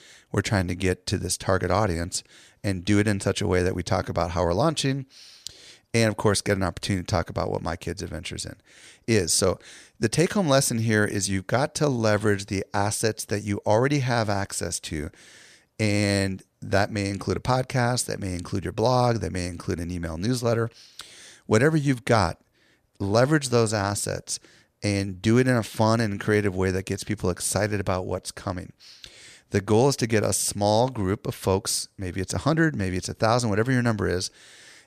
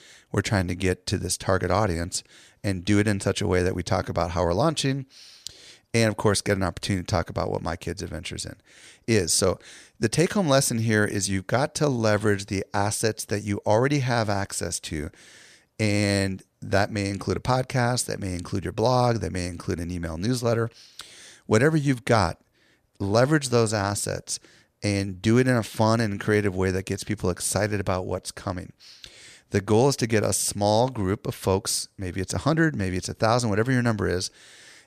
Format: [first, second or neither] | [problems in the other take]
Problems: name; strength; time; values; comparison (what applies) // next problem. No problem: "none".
neither | none